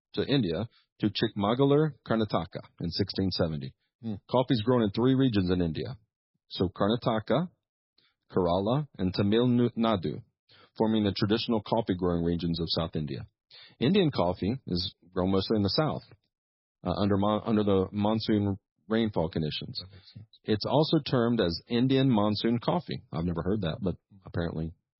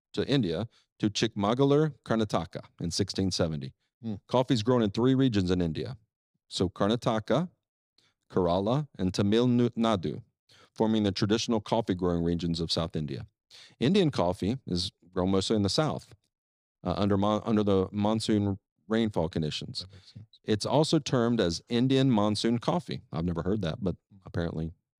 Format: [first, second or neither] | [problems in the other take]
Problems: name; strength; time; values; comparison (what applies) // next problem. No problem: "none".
second | garbled, watery; badly; nothing above 5.5 kHz